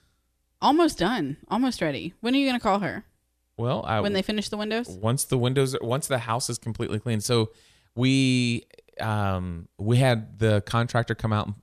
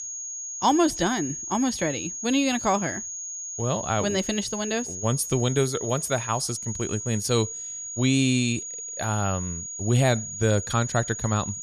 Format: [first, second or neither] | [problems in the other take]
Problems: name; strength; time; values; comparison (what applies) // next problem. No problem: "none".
first | high-pitched whine; loud; throughout; 6.5 kHz, 6 dB below the speech